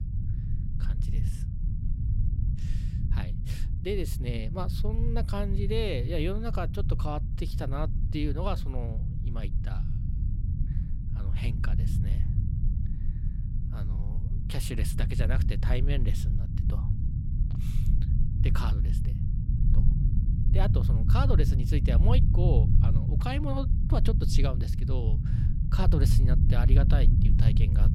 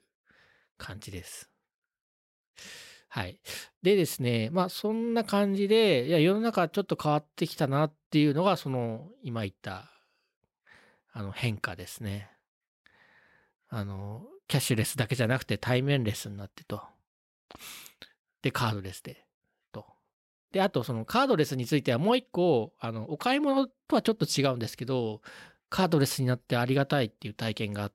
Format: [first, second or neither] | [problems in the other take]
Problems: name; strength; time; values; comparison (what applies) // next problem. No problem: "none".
second | low rumble; loud; throughout; 6 dB below the speech